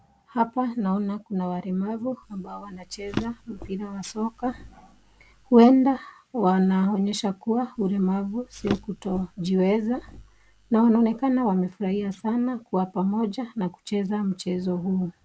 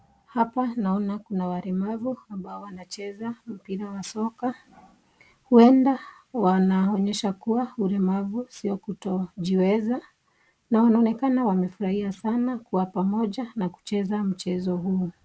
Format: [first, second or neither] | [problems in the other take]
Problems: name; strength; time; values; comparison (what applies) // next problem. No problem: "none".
second | background sound (Drawer open or close); 16 dB below the speech